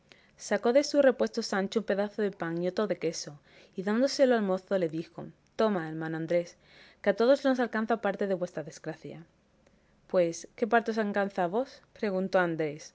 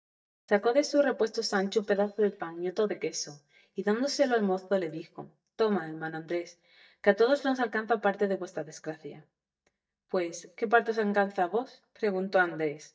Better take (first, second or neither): first